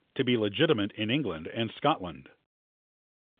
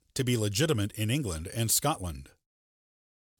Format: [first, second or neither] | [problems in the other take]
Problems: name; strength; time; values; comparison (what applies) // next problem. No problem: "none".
second | phone-call audio; nothing above 3.5 kHz